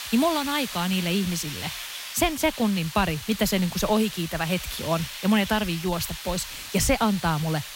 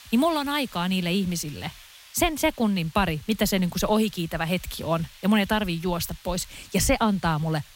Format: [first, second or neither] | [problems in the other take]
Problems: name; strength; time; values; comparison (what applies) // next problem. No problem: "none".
second | hiss; loud; throughout; 9 dB below the speech; faint in the second